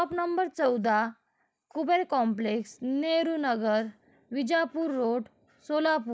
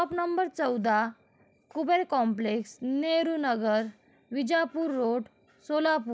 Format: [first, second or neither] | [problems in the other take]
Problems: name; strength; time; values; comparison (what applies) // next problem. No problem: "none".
second | noise reduction (neural mask model Resemble Enhance denoiser)